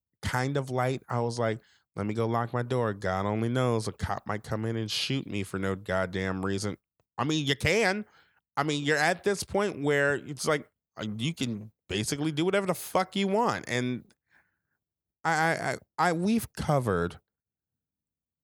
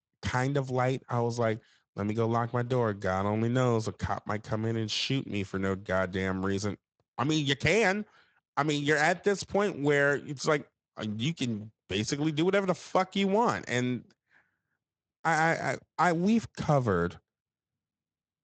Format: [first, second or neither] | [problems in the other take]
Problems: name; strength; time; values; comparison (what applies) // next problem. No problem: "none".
first | garbled, watery; slightly; nothing above 7.5 kHz